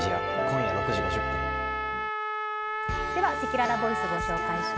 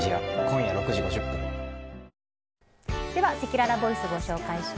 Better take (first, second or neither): second